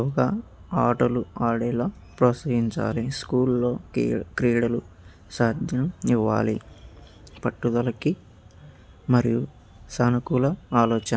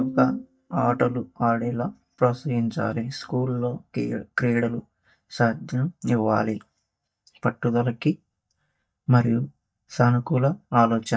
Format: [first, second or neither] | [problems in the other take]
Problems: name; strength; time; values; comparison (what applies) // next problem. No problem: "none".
first | noise reduction (neural mask model DeepFilterNet 3)